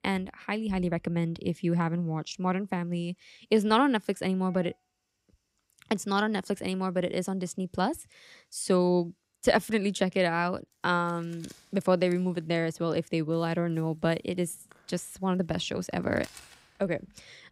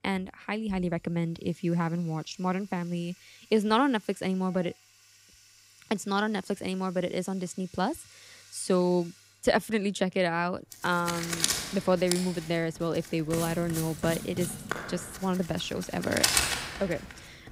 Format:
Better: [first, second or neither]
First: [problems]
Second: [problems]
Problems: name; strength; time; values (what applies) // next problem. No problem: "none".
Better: first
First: household noises; faint; throughout; 25 dB below the speech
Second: household noises; loud; throughout; 2 dB below the speech